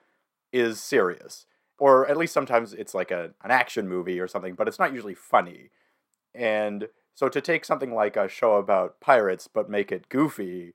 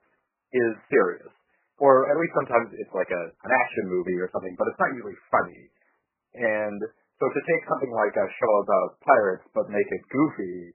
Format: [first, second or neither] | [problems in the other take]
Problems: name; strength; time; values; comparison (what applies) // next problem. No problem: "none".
first | garbled, watery; badly; nothing above 2.5 kHz